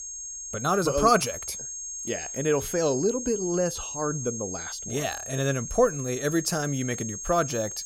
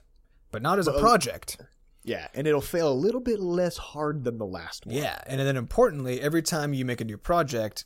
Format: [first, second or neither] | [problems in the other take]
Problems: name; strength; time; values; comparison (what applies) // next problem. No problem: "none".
second | high-pitched whine; loud; throughout; 6.5 kHz, 7 dB below the speech